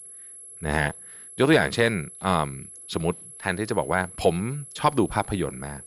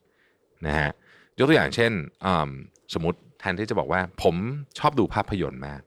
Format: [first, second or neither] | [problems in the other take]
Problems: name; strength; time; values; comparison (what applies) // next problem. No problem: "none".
second | high-pitched whine; noticeable; throughout; 11 kHz, 15 dB below the speech